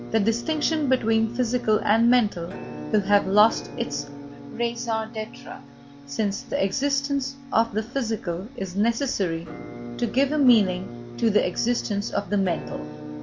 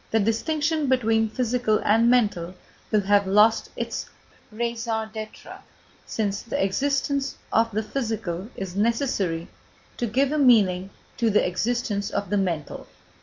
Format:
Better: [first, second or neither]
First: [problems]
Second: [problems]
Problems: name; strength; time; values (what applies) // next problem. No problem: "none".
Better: second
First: background sound (Musical instrument); 12 dB below the speech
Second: none